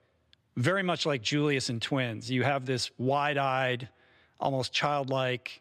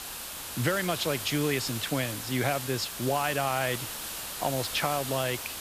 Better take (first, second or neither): first